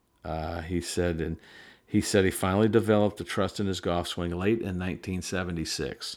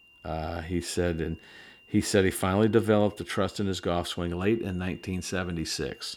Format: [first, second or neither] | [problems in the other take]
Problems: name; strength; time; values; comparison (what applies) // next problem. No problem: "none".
first | high-pitched whine; faint; throughout; 3 kHz, 25 dB below the speech